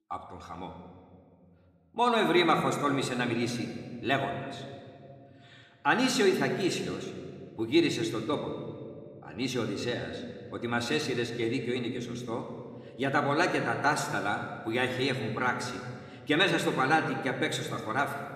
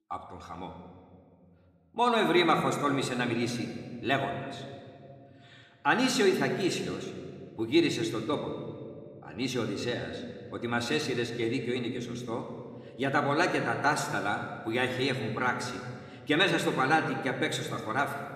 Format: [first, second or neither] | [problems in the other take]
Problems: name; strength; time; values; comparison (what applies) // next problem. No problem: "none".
neither | room echo; slight; dies away in 1.7 s; the same in both